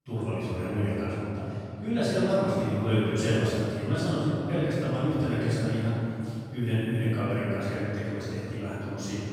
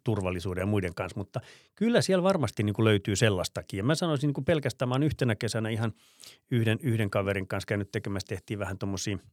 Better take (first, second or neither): second